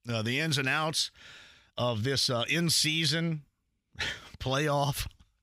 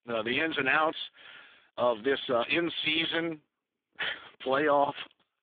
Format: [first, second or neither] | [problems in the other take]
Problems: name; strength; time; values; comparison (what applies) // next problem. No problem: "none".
first | phone-call audio; poor line; nothing above 3.5 kHz